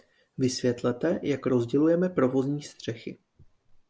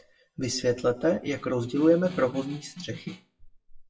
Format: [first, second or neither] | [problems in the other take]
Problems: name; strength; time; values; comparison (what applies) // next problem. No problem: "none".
first | noise reduction (classical method WPE with log-MMSE)